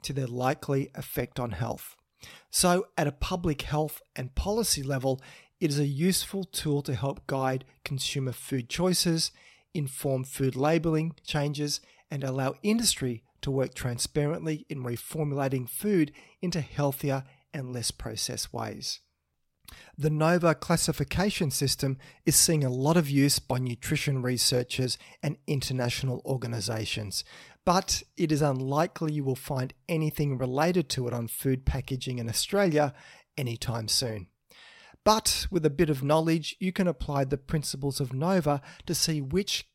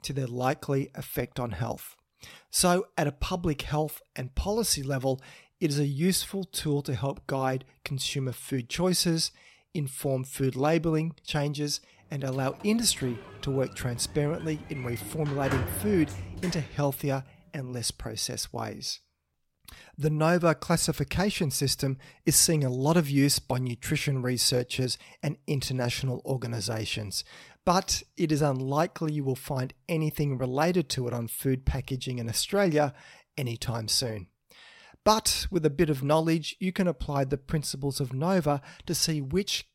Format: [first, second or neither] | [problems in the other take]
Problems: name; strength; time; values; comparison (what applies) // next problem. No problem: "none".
first | door banging; noticeable; from 13 to 17 s; peak 4 dB below the speech